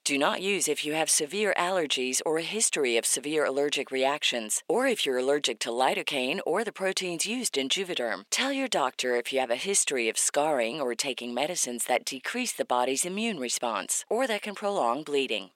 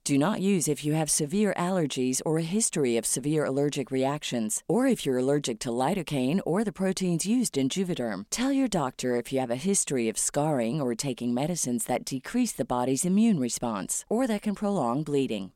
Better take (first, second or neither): second